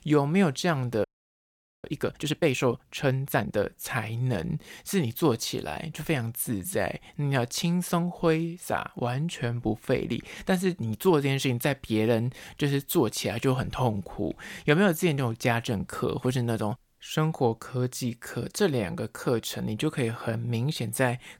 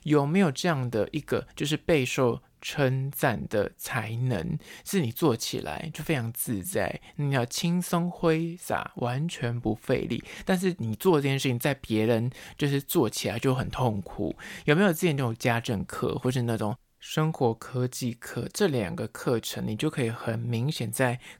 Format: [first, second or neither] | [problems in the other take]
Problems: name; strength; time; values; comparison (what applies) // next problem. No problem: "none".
second | audio freezing; at 1 s for 1 s